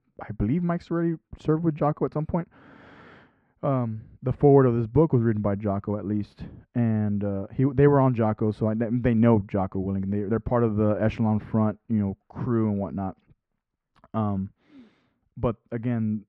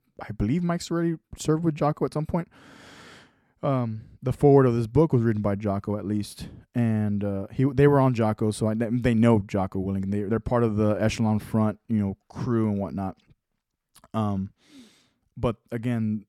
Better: second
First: muffled; very; fading above 2 kHz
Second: none

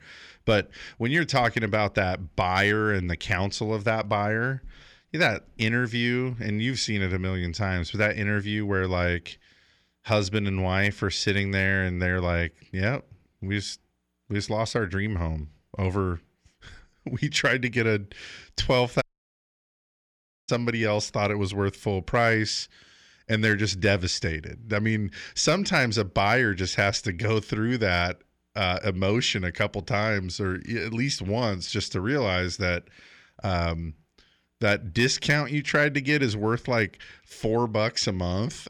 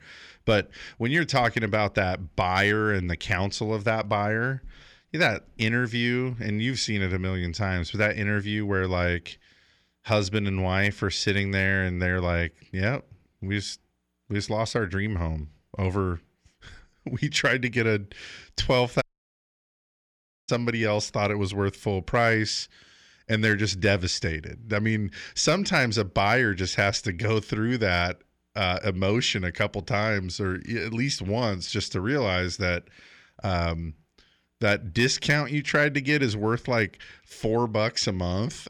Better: neither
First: audio cutting out; at 19 s for 1.5 s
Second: audio cutting out; at 19 s for 1.5 s

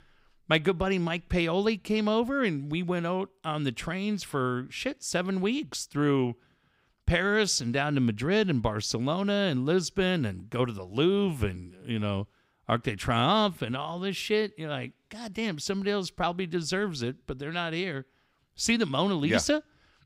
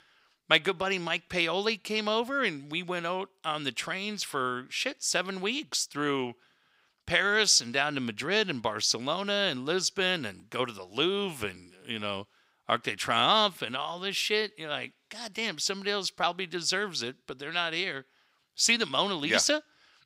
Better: first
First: none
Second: thin; somewhat; fading below 800 Hz

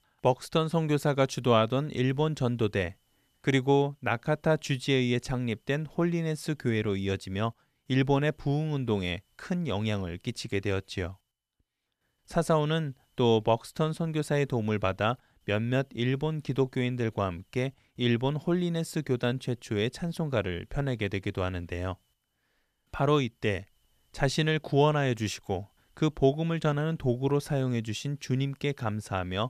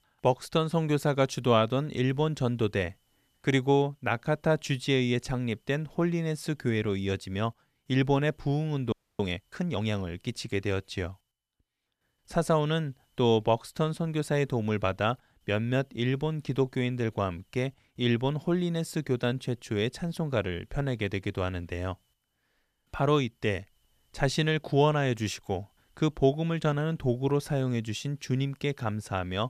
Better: first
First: none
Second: audio freezing; at 9 s

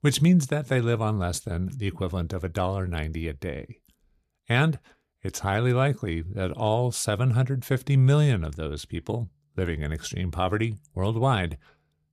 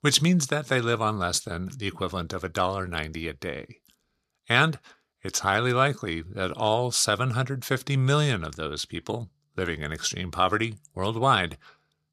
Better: first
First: none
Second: thin; very slightly; fading below 400 Hz

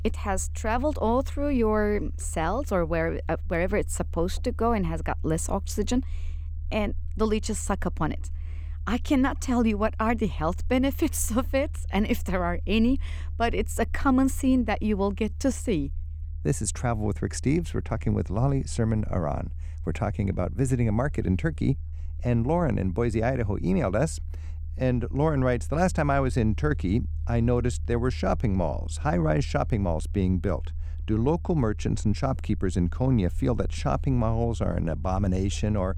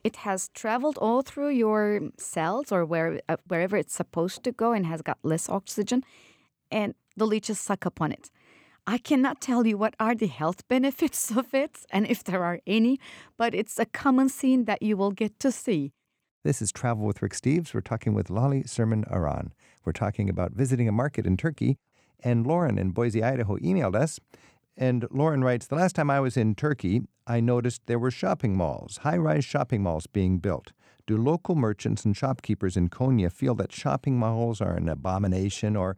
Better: second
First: low rumble; faint; throughout; 25 dB below the speech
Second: none

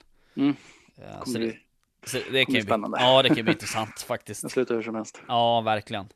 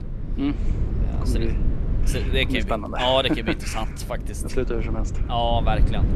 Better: first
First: none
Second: low rumble; noticeable; throughout; 15 dB below the speech

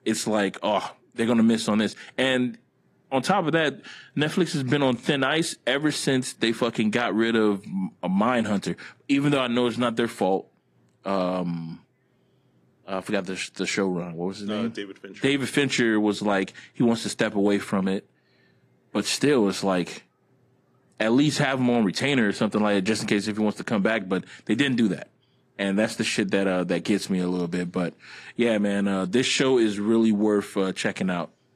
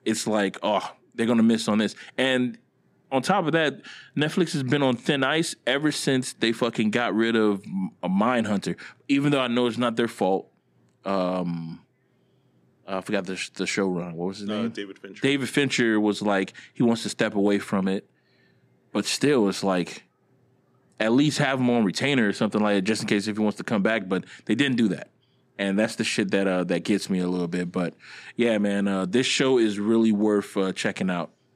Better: second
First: garbled, watery; slightly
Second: none

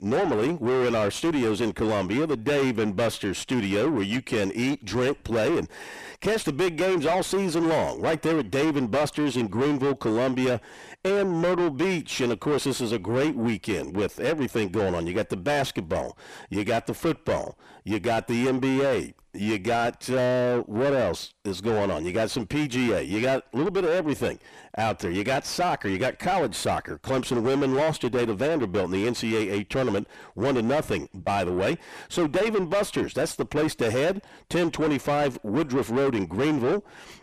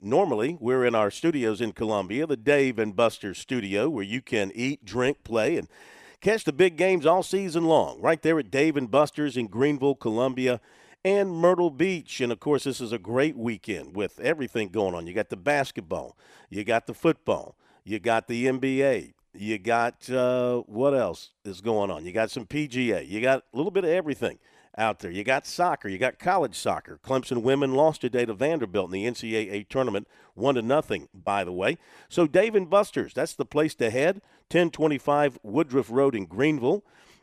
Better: second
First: distortion; heavy; 5 dB below the speech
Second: none

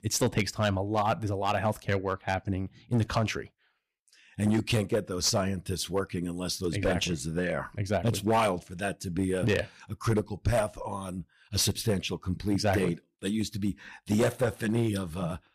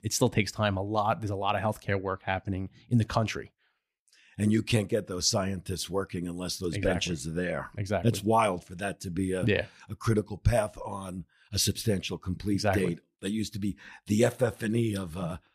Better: second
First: distortion; slight; 5% of the sound clipped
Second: none

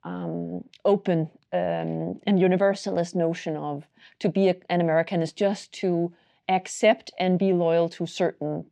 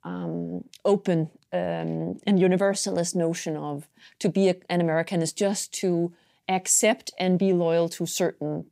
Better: second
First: muffled; slightly; fading above 3 kHz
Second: none

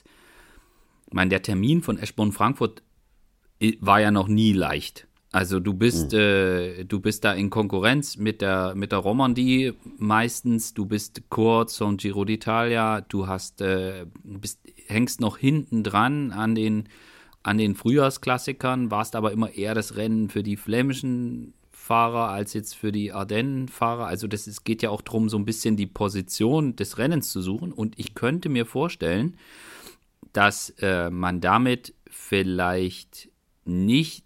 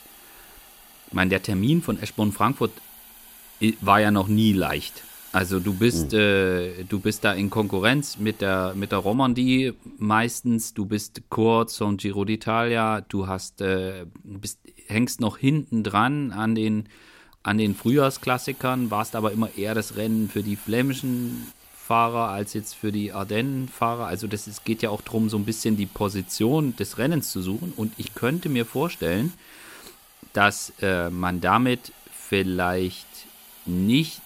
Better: first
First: none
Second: hiss; faint; until 9 s and from 18 s on; 20 dB below the speech

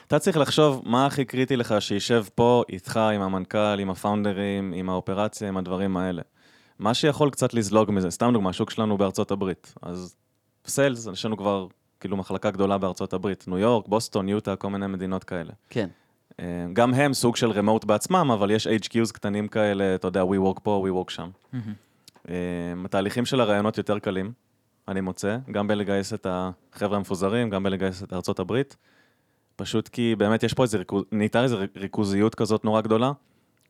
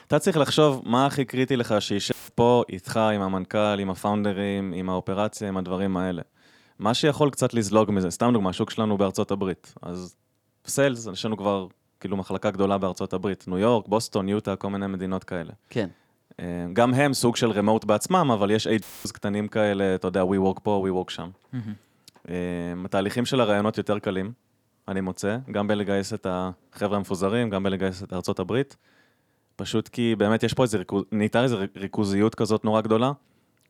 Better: first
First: none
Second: audio cutting out; filled with static; at 2 s and at 19 s

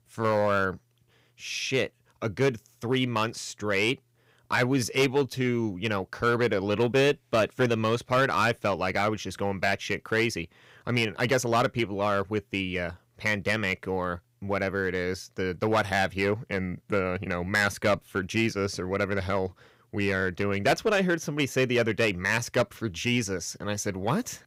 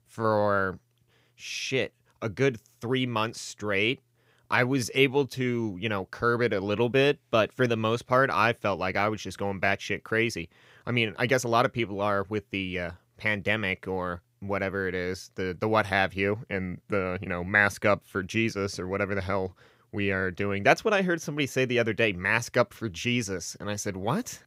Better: second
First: distortion; slight; 3% of the sound clipped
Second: none

